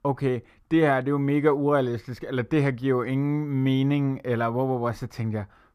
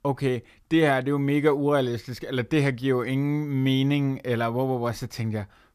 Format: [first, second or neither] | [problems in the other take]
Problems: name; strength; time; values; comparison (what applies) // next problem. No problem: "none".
second | muffled; slightly; fading above 2.5 kHz